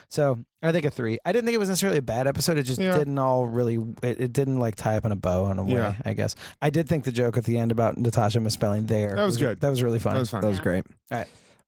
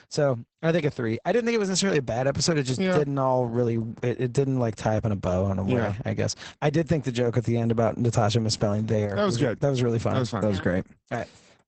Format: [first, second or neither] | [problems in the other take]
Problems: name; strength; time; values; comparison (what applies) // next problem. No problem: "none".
first | garbled, watery; badly; nothing above 8 kHz; slightly in the first